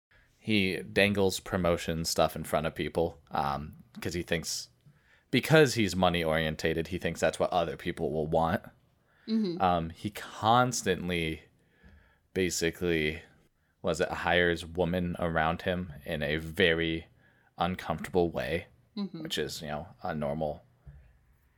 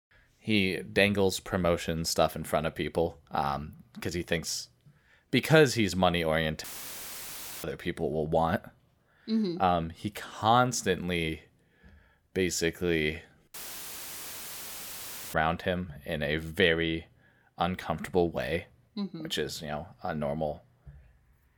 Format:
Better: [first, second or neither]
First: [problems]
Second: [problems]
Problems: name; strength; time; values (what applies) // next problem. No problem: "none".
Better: first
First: none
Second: audio cutting out; filled with static; at 6.5 s for 1 s and at 14 s for 2 s